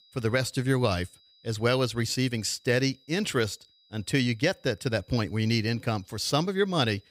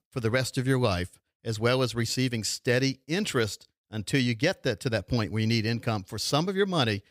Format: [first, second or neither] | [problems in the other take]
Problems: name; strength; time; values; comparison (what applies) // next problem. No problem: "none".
second | high-pitched whine; faint; throughout; 4 kHz, 30 dB below the speech